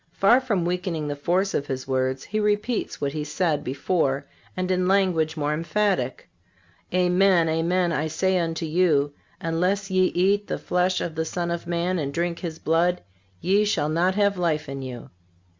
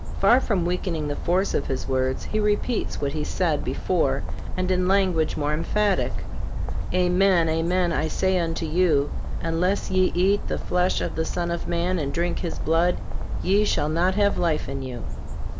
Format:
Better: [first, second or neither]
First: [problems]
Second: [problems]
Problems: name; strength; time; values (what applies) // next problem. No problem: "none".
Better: first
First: none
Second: background sound (Bird); 1 dB below the speech